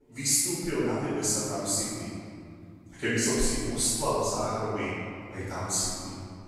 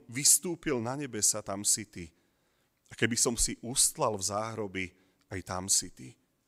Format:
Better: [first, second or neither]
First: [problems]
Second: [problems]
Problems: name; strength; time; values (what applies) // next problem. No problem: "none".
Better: second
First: off-mic speech; far // room echo; strong; dies away in 2.4 s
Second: none